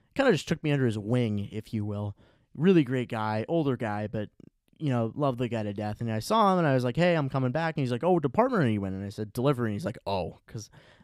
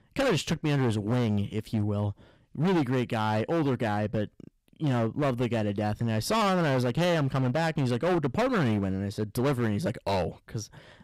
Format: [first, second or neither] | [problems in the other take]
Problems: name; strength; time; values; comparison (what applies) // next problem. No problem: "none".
first | distortion; heavy; 16% of the sound clipped